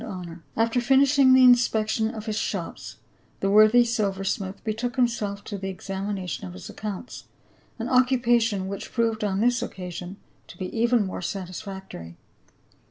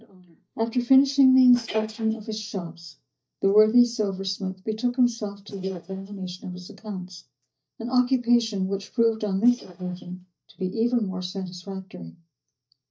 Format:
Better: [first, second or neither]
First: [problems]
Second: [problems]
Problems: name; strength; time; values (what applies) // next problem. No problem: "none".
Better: first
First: none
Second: noise reduction (neural mask model DeepFilterNet 3)